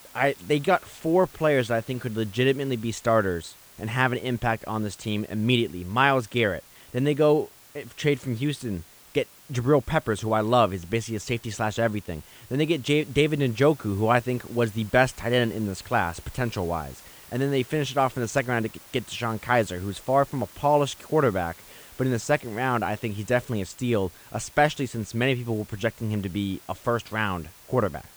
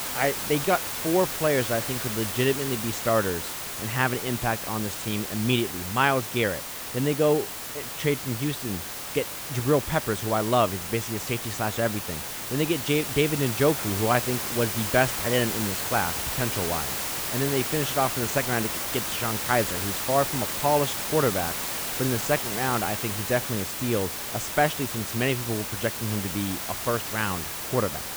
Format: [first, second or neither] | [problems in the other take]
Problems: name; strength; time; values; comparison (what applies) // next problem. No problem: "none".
first | hiss; loud; throughout; 2 dB below the speech; faint in the first